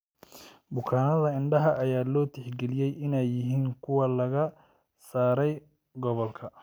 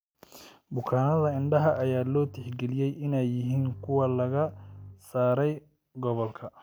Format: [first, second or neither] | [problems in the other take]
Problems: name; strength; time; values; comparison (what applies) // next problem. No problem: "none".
first | background sound (Bowed string instrument); 17 dB below the speech